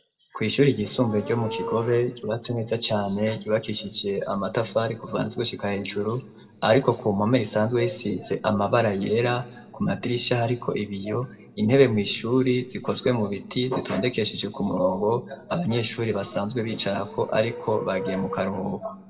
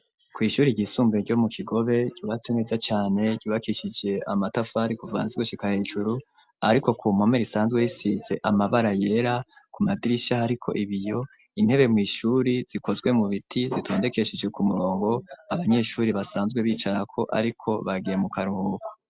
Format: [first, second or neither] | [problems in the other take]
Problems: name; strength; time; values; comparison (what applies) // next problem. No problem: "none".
second | background sound (Livestock, farm animals, working animals); 18 dB below the speech // room echo; dies away in 1.4 s